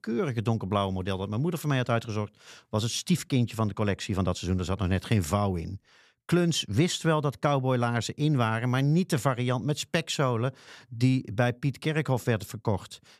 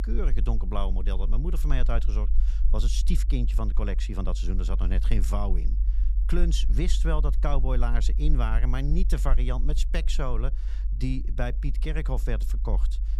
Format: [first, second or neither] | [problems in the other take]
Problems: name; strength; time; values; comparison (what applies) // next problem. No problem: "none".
first | low rumble; noticeable; throughout; 15 dB below the speech